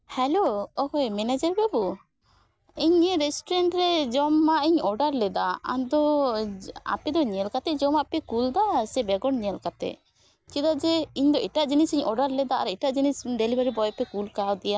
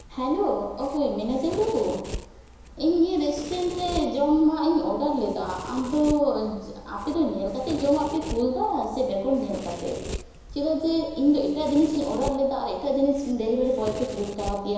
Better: first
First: none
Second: background sound (Domestic sounds, home sounds); 14 dB below the speech // room echo; dies away in 1 s

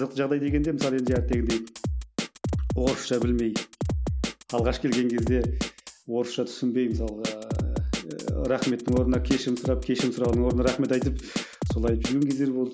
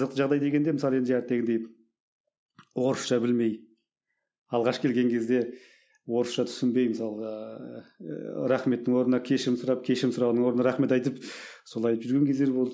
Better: second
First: background sound (Drum kit); 3 dB below the speech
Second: none

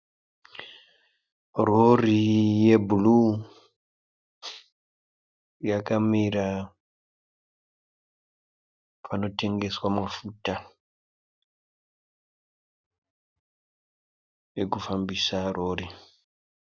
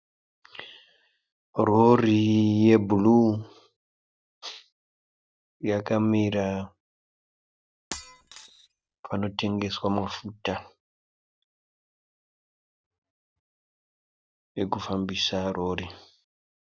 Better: first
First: none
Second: background sound (Shatter); 17 dB below the speech

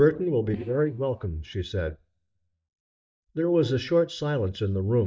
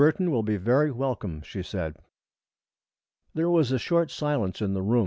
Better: second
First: noise reduction (neural mask model DeepFilterNet 3)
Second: none

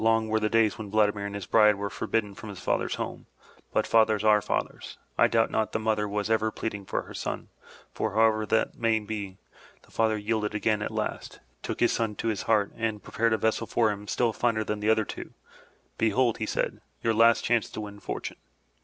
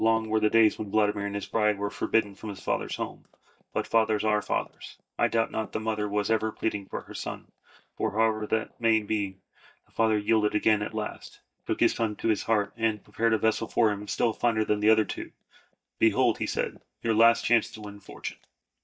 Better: first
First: none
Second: noise reduction (neural mask model DeepFilterNet 3)

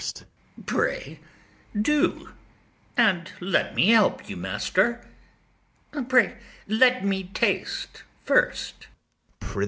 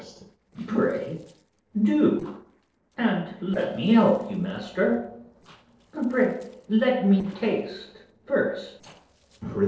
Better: first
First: none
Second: noise reduction (neural separator model SepFormer DNS4)

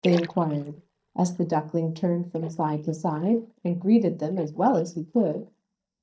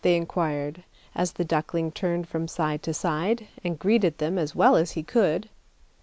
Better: second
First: noise reduction (neural mask model DeepFilterNet 3)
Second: none

